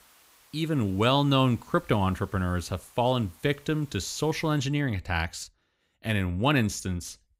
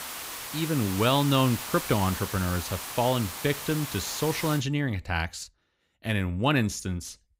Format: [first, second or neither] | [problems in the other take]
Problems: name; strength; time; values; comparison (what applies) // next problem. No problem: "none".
first | hiss; loud; until 4.5 s; 7 dB below the speech; faint in the first